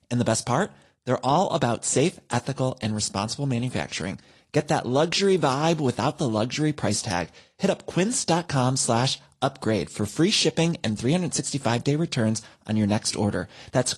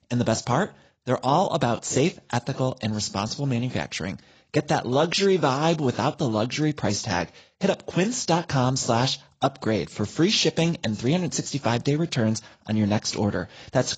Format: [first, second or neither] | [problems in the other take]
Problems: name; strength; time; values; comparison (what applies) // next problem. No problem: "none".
first | garbled, watery; badly; nothing above 7.5 kHz; slightly in the first